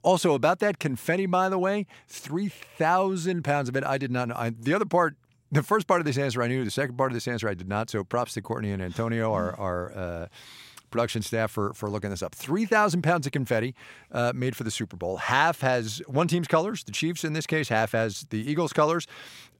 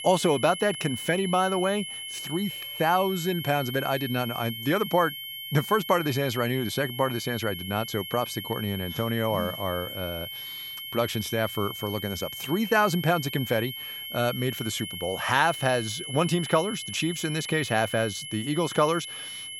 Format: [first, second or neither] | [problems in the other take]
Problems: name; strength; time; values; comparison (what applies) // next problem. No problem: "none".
first | high-pitched whine; loud; throughout; 3 kHz, 8 dB below the speech